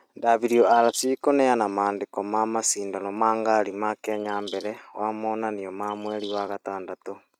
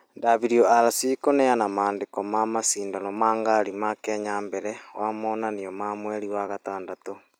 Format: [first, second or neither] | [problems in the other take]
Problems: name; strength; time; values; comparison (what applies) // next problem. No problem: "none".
second | noise reduction (neural mask model RNNoise)